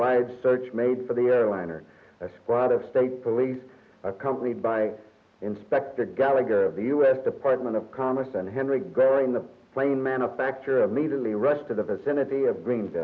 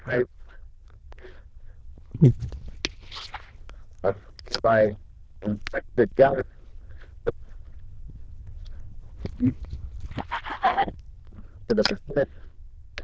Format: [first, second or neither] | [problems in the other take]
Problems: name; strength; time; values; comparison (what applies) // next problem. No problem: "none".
first | noise reduction (neural diffusion model UNIVERSE++)